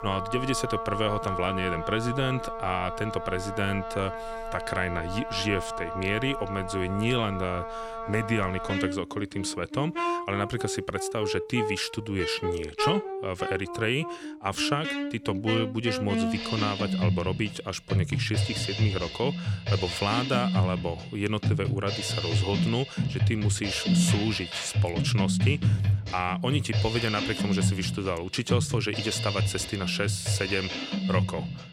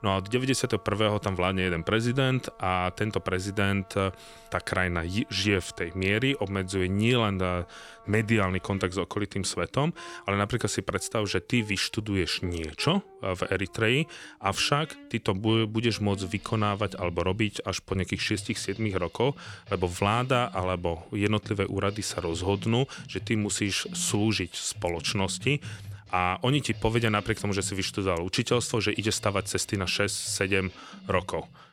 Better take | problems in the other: second | background music; loud; throughout; 1 dB below the speech; faint in the second

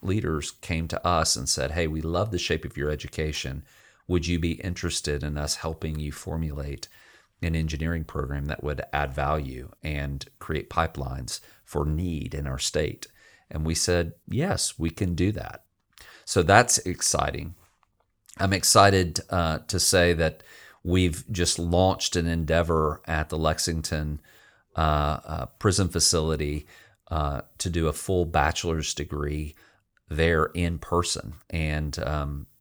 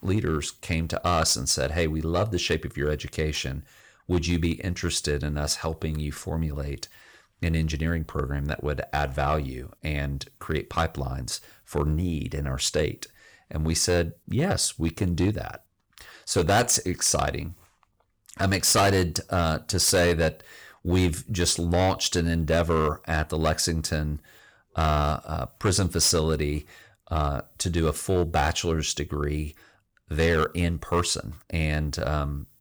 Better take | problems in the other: first | distortion; slight; 3% of the sound clipped

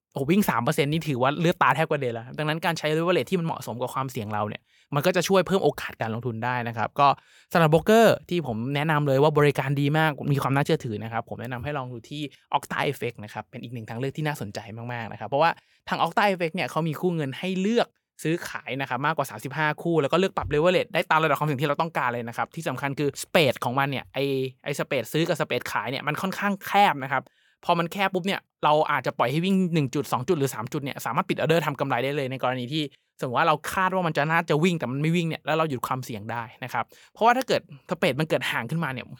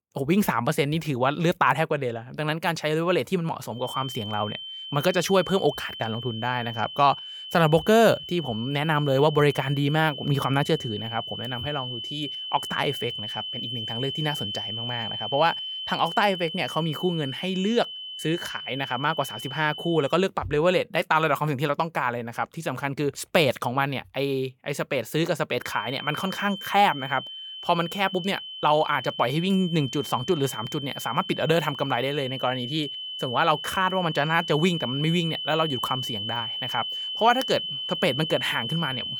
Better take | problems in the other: first | high-pitched whine; loud; from 4 to 20 s and from 26 s on; 3 kHz, 7 dB below the speech

